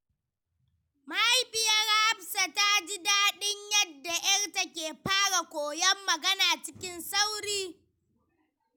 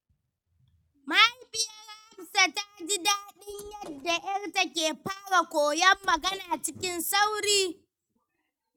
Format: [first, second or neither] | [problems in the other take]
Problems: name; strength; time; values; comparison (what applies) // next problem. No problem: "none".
first | noise reduction (neural mask model RNNoise)